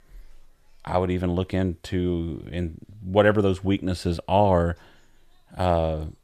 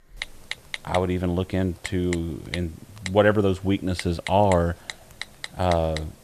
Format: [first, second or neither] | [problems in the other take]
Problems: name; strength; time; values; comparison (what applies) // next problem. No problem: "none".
first | keyboard typing; noticeable; peak 9 dB below the speech